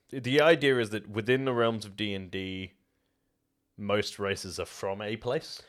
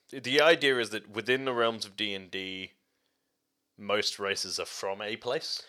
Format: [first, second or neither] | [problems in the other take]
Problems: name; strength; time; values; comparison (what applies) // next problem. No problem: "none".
first | thin; very slightly; fading below 500 Hz